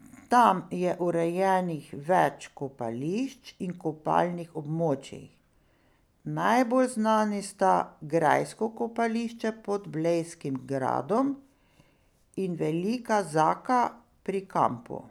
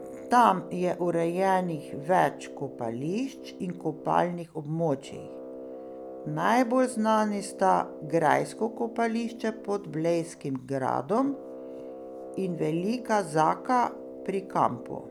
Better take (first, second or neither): first